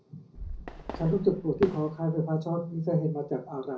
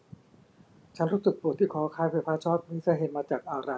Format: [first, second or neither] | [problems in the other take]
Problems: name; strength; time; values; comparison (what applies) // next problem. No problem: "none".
second | background sound (Fireworks); 12 dB below the speech // room echo; dies away in 0.4 s